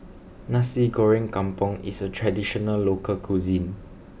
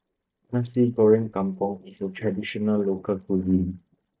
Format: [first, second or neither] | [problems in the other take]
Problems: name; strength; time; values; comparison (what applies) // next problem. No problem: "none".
first | noise reduction (neural mask model DeepFilterNet 3)